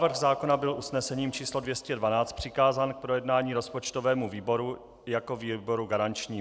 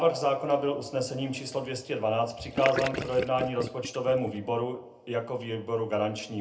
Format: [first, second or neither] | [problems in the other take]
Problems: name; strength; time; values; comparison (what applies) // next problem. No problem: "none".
first | background sound (Gurgling / Liquid); 7 dB below the speech // room echo; dies away in 0.3 s